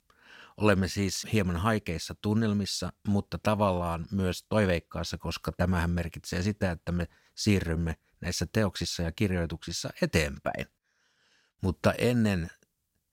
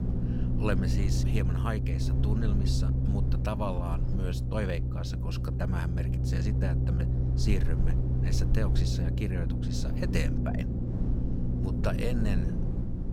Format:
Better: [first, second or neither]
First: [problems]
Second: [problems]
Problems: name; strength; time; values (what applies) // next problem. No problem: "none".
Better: first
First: none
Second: low rumble; loud; throughout; 2 dB below the speech